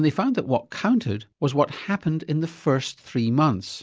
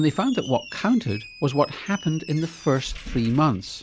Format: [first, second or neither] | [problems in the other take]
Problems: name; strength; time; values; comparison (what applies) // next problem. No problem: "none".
first | background sound (Squeak); 16 dB below the speech